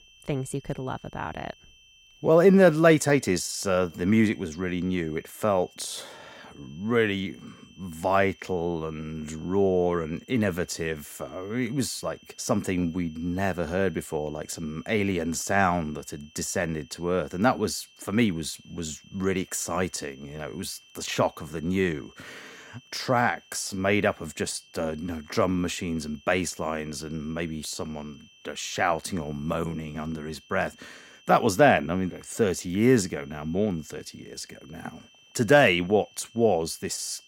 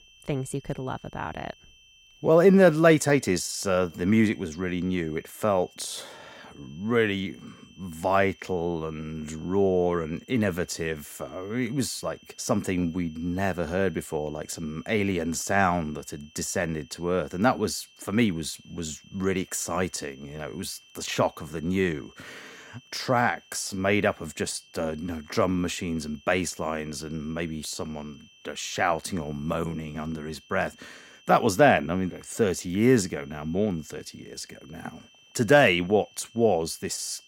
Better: neither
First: high-pitched whine; faint; throughout; 3 kHz, 25 dB below the speech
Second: high-pitched whine; faint; throughout; 3 kHz, 25 dB below the speech

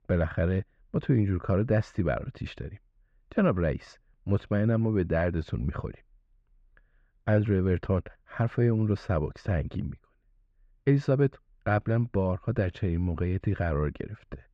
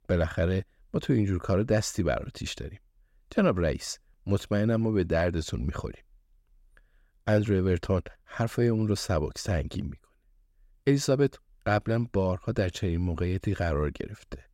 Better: second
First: muffled; very; fading above 2 kHz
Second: none

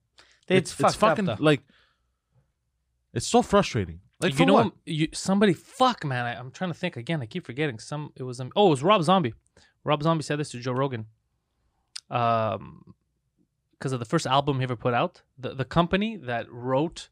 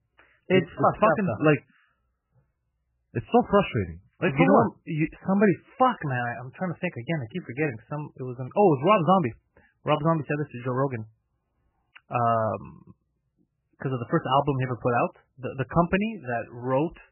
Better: first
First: none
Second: garbled, watery; badly; nothing above 3 kHz

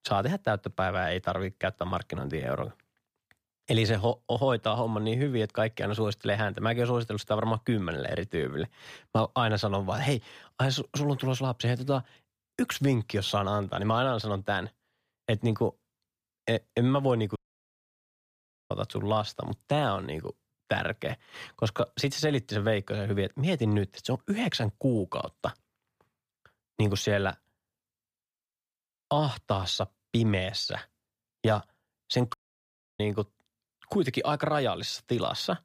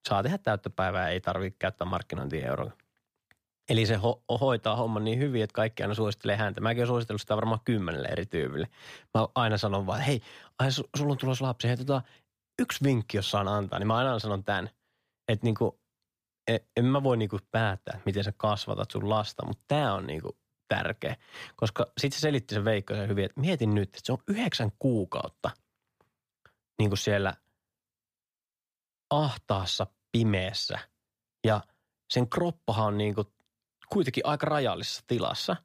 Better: second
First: audio cutting out; at 17 s for 1.5 s and at 32 s for 0.5 s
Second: none

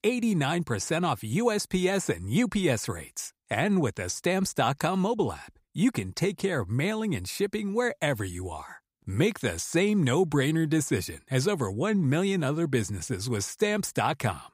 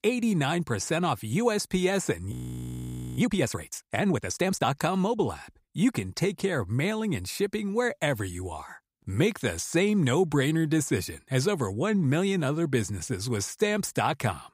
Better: first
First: none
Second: audio freezing; at 2.5 s for 1 s

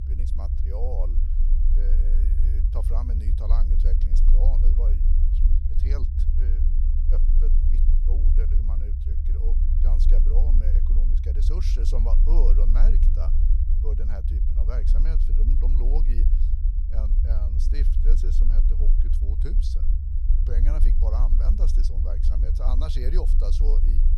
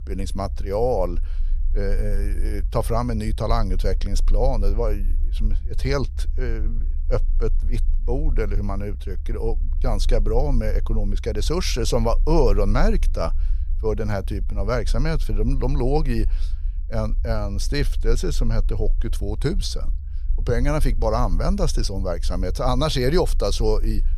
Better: second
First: low rumble; loud; throughout; 3 dB below the speech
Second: low rumble; faint; throughout; 25 dB below the speech

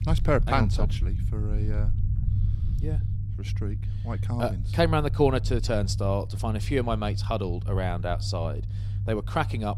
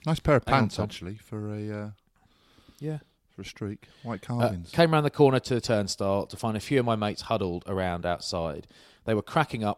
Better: second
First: low rumble; noticeable; throughout; 15 dB below the speech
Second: none

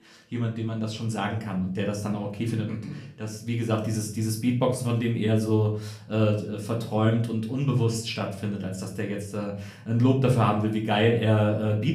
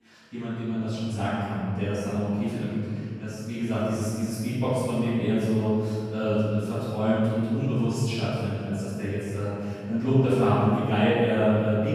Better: first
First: room echo; slight; dies away in 0.4 s // off-mic speech; somewhat distant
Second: room echo; strong; dies away in 2.1 s // off-mic speech; far

